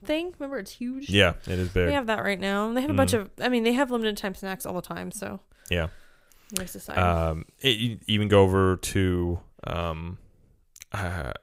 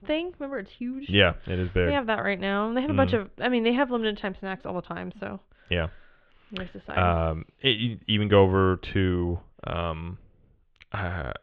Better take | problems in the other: first | muffled; very; fading above 3.5 kHz

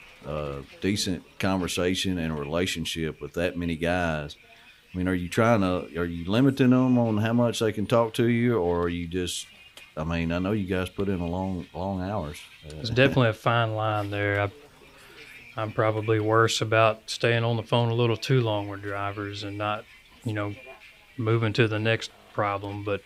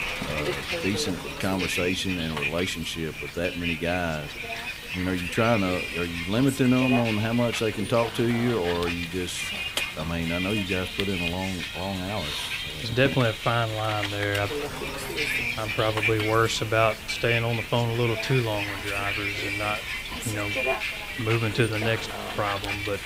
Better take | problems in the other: first | traffic noise; loud; throughout; 3 dB below the speech; faint in the first

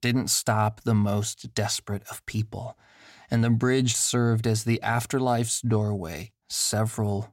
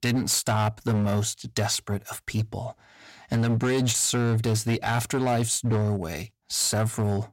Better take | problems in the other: first | distortion; slight; 13% of the sound clipped

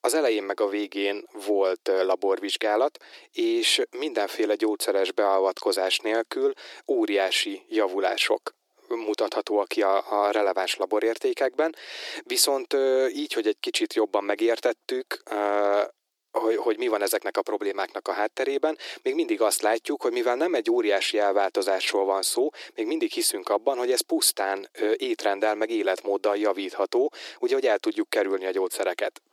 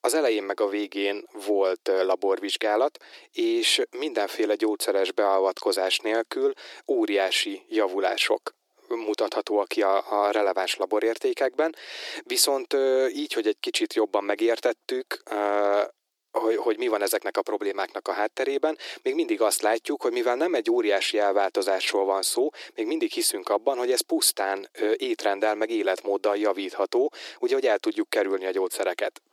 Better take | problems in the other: neither | thin; very; fading below 350 Hz; the same in both

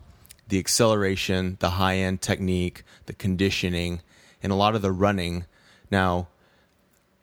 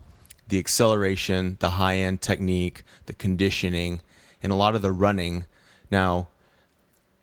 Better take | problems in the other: first | garbled, watery; slightly; nothing above 19 kHz

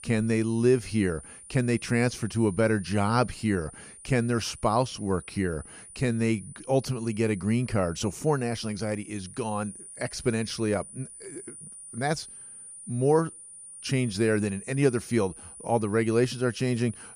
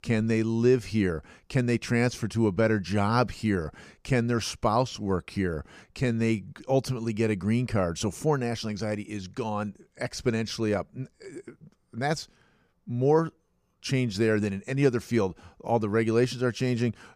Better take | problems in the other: second | high-pitched whine; noticeable; throughout; 9 kHz, 15 dB below the speech

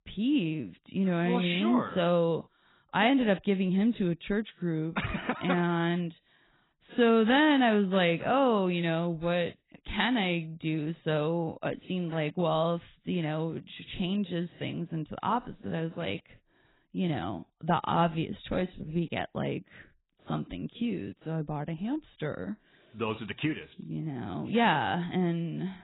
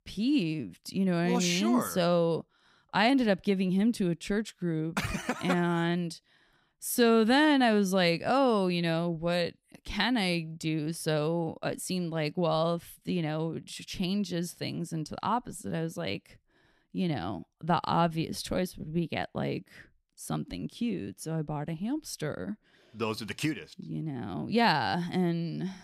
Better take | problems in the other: second | garbled, watery; badly; nothing above 4 kHz

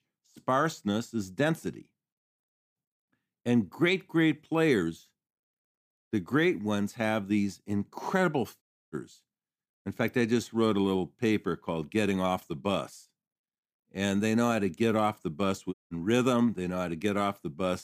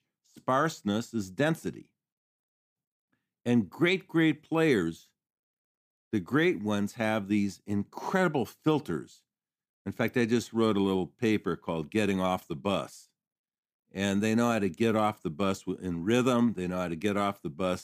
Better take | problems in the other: second | audio cutting out; at 8.5 s and at 16 s

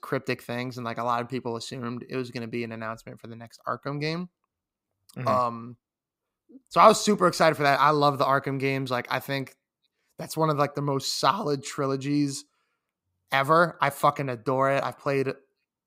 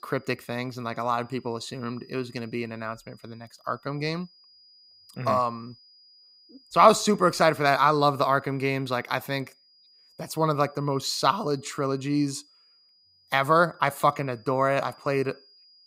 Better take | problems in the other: first | high-pitched whine; faint; throughout; 5 kHz, 30 dB below the speech

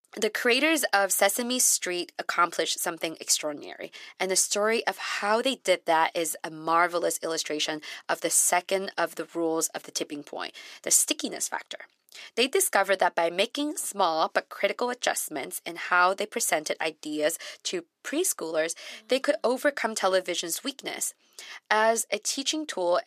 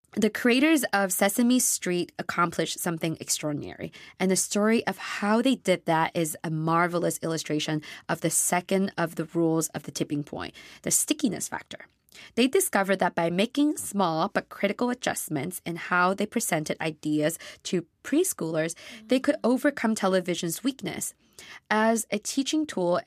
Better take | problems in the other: second | thin; somewhat; fading below 500 Hz

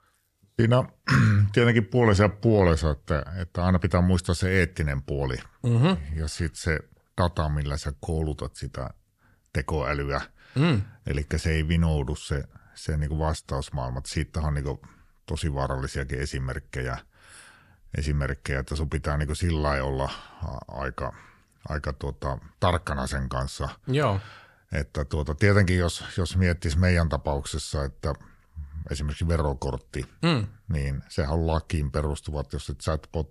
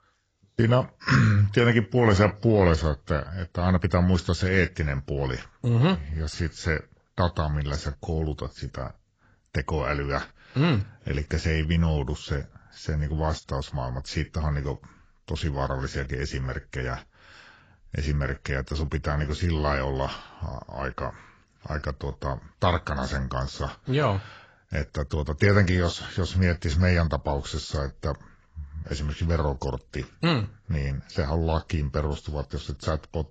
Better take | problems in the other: first | garbled, watery; badly; nothing above 7.5 kHz

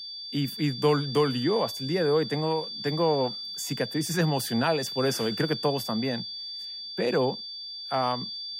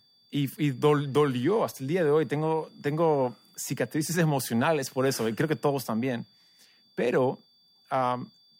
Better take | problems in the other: second | high-pitched whine; loud; throughout; 4.5 kHz, 7 dB below the speech; faint in the second

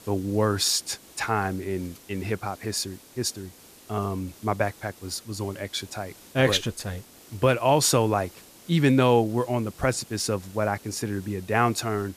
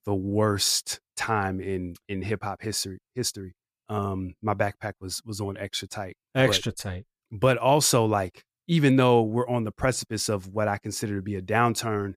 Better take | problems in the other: second | hiss; faint; throughout; 20 dB below the speech

